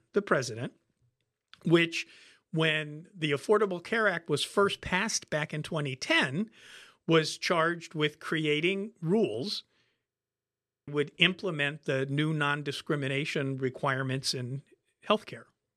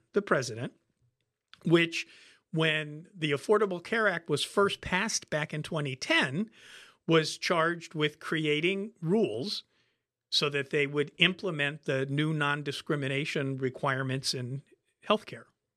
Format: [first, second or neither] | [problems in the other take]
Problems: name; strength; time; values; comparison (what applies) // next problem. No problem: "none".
second | audio freezing; at 10 s for 1 s